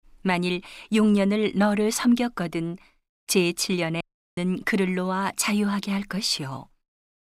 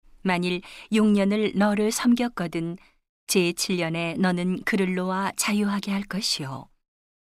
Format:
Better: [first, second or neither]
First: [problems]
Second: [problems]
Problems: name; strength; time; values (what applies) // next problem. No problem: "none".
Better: second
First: audio cutting out; at 4 s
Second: none